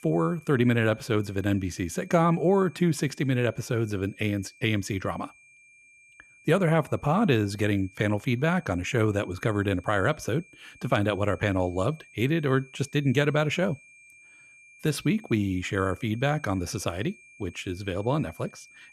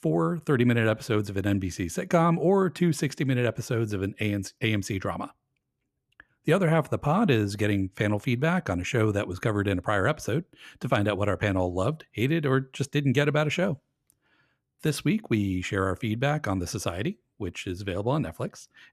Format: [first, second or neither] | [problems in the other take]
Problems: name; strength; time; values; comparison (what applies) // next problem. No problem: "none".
second | high-pitched whine; faint; throughout; 2.5 kHz, 25 dB below the speech